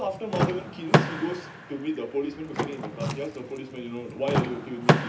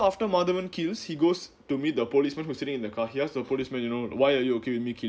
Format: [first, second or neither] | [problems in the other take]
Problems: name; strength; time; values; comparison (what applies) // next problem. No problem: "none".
second | background sound (Door / Car); 4 dB above the speech // room echo; dies away in 0.3 s